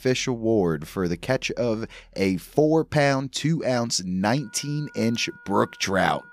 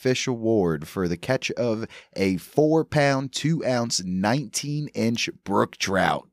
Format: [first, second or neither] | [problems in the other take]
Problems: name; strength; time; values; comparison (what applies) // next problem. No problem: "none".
second | background music; faint; throughout; 25 dB below the speech